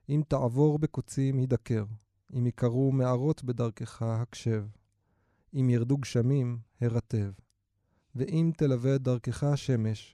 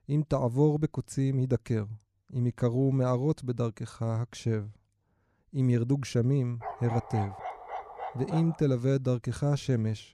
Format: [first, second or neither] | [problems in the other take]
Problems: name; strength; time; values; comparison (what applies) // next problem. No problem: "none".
first | dog barking; noticeable; from 6.5 to 8.5 s; peak 8 dB below the speech